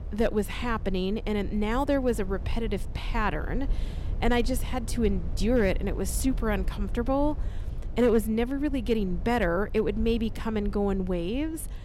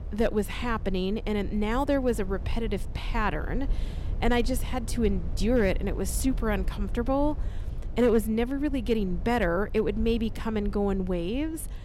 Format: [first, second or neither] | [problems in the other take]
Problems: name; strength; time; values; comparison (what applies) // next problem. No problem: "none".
neither | low rumble; faint; throughout; 20 dB below the speech; the same in both